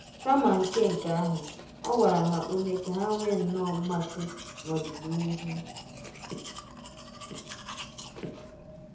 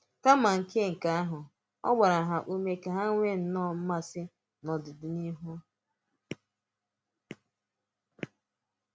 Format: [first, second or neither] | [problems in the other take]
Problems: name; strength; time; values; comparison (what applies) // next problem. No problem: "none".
second | background sound (Domestic sounds, home sounds); 13 dB below the speech // room echo; dies away in 0.7 s